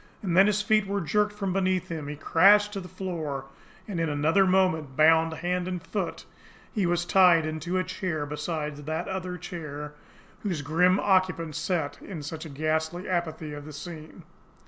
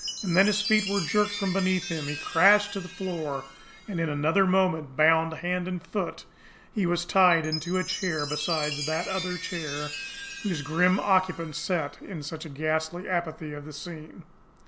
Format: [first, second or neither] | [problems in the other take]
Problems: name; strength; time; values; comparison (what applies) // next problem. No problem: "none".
first | background sound (Chime); 11 dB below the speech